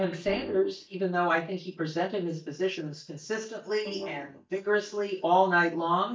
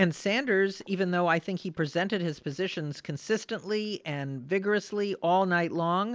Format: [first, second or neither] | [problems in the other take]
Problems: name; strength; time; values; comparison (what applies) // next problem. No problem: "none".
second | noise reduction (neural mask model DeepFilterNet 3)